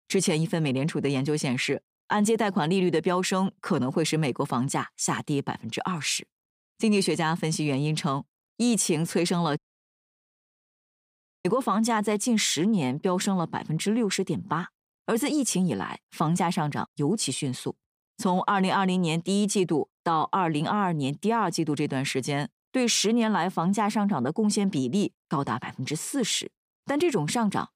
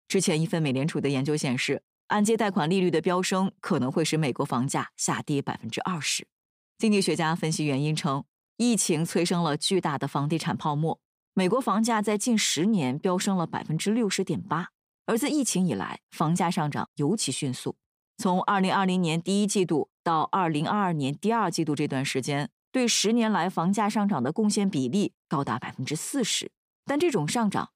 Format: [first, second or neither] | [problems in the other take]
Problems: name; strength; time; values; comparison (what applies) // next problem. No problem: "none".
second | audio cutting out; at 9.5 s for 2 s